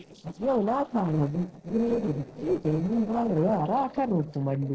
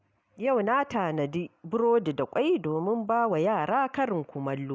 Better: second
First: noise reduction (neural separator model SepFormer DNS4)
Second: none

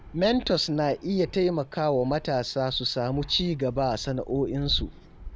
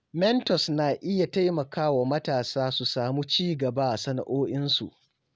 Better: second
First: background sound (Fixed-wing aircraft, airplane); 14 dB below the speech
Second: none

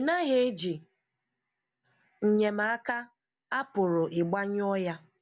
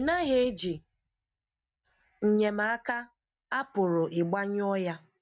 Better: first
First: none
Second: noise reduction (neural mask model RNNoise)

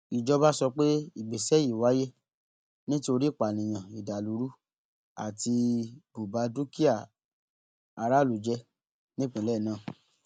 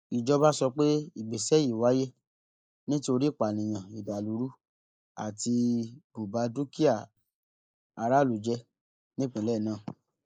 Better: first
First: none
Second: noise reduction (neural mask model Resemble Enhance denoiser)

